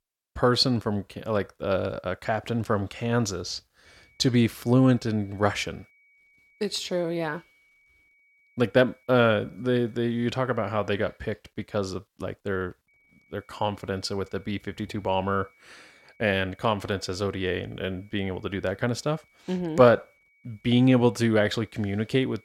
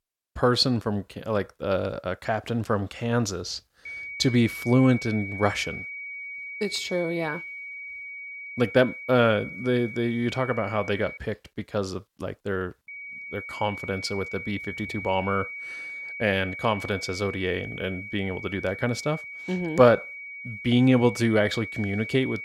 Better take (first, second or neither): first